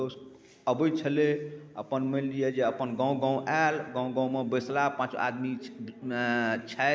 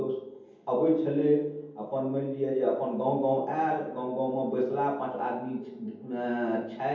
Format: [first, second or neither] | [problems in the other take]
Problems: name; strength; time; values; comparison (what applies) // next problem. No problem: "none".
first | room echo; dies away in 0.7 s